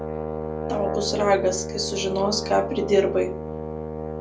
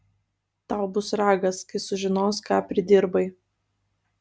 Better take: second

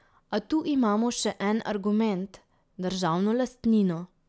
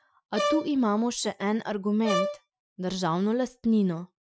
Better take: first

